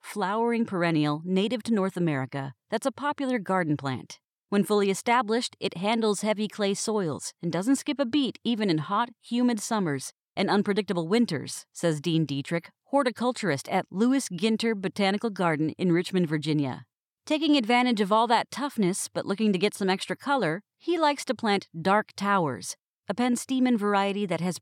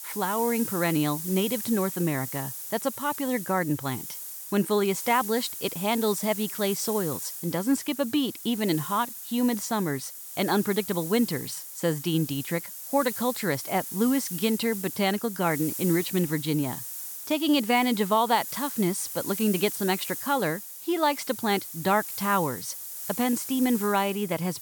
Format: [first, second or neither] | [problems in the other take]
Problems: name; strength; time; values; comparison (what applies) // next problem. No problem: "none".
first | hiss; loud; throughout; 7 dB below the speech